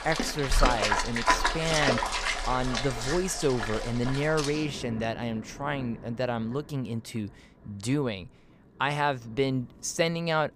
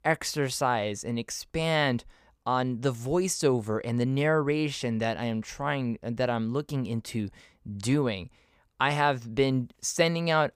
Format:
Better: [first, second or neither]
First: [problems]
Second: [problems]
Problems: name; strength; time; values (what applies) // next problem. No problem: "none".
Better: second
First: rain or running water; very loud; throughout; as loud as the speech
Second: none